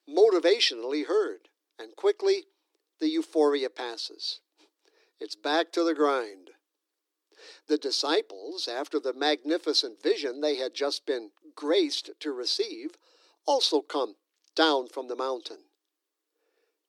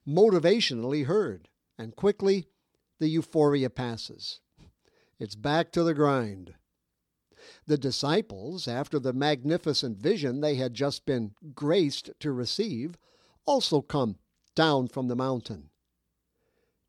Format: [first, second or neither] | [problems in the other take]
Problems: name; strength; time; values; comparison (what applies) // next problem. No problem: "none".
second | thin; somewhat; fading below 300 Hz